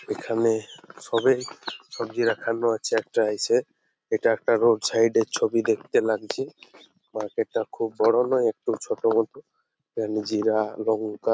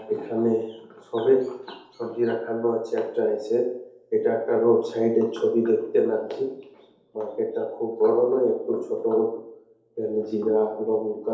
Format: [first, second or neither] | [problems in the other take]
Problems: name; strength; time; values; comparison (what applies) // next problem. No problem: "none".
first | room echo; dies away in 2.2 s